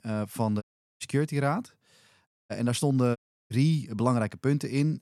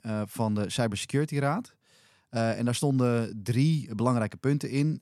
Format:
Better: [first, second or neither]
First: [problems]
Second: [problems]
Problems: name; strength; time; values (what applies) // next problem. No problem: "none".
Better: second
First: audio cutting out; at 0.5 s, at 2.5 s and at 3 s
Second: none